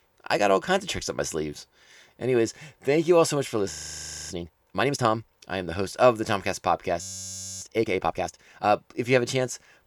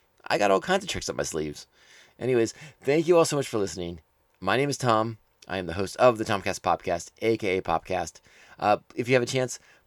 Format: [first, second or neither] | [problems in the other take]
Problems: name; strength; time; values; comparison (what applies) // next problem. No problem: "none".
second | audio freezing; at 3.5 s for 0.5 s and at 7 s for 0.5 s